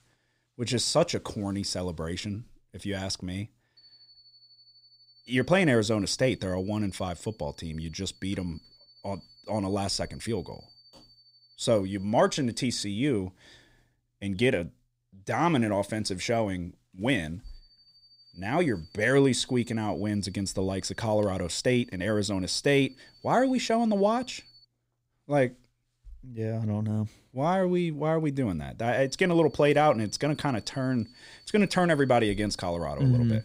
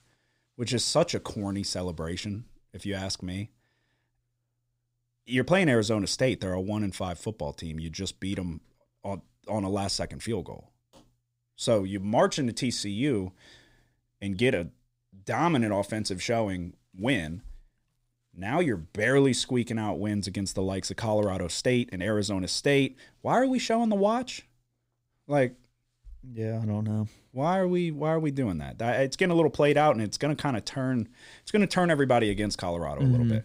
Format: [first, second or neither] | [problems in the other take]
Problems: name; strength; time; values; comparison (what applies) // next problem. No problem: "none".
second | high-pitched whine; faint; from 4 to 13 s, from 17 to 25 s and from 29 s on; 4.5 kHz, 30 dB below the speech